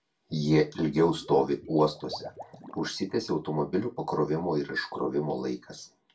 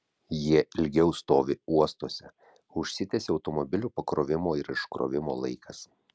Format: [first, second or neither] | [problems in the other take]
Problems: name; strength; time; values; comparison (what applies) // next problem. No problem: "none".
second | background sound (Liquid); 20 dB below the speech // room echo; dies away in 0.2 s